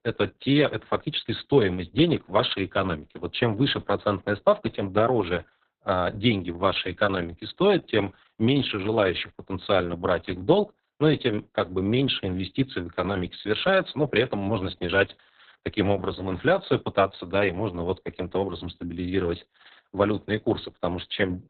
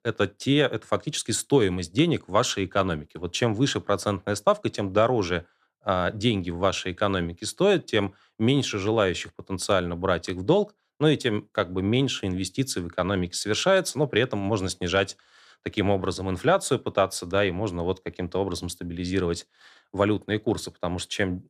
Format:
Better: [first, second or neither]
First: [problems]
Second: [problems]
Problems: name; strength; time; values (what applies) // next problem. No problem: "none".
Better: second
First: garbled, watery; badly; nothing above 4 kHz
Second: none